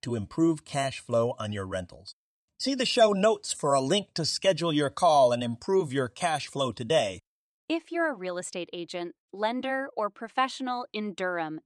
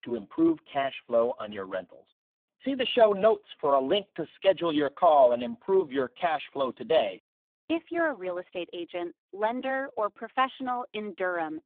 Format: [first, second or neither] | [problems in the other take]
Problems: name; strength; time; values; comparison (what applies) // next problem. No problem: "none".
first | phone-call audio; poor line; nothing above 3.5 kHz